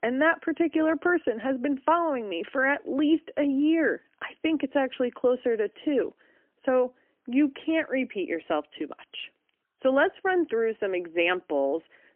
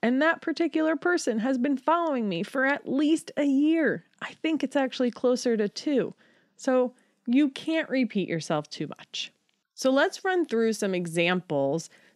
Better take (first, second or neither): second